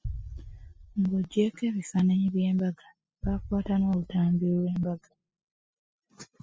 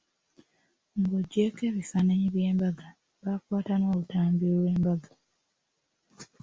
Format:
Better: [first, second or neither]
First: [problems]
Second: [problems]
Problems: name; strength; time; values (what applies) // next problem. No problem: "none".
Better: second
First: noise reduction (classical method spectral subtraction)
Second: none